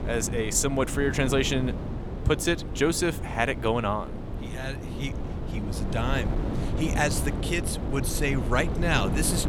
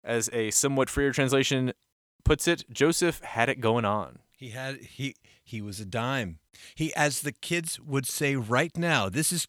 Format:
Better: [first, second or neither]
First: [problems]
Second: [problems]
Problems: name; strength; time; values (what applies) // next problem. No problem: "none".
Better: second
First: wind noise on the microphone; occasional gusts; 10 dB below the speech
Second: none